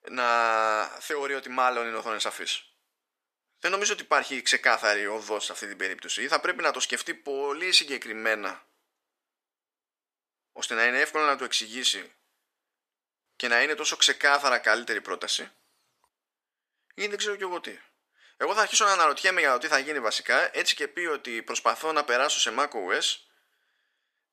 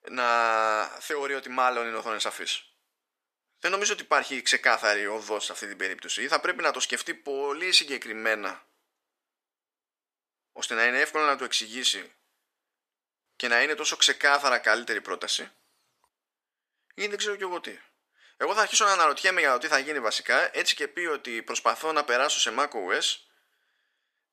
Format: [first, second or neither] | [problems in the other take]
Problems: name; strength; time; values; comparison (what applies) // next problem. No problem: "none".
neither | thin; very; fading below 850 Hz; the same in both